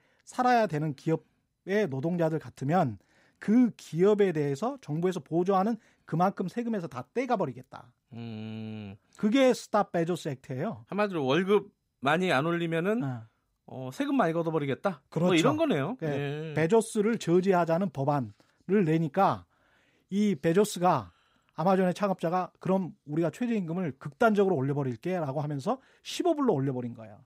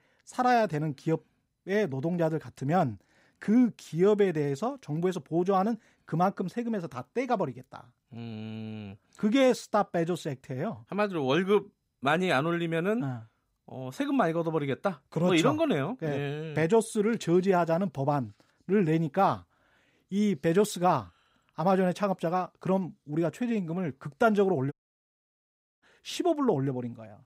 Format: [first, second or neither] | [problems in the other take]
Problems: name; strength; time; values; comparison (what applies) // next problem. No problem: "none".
first | audio cutting out; at 25 s for 1 s